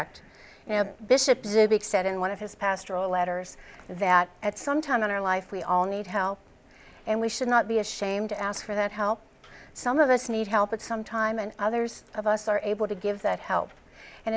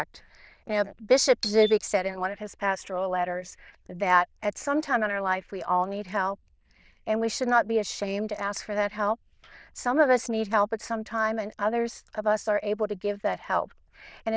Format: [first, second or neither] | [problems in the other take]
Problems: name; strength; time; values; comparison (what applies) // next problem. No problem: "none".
first | noise reduction (neural diffusion model UNIVERSE++)